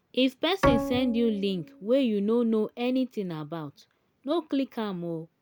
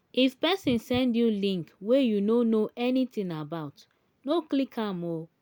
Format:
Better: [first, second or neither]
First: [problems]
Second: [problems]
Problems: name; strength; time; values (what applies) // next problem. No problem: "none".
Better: second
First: background sound (Bowed string instrument); 5 dB below the speech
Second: none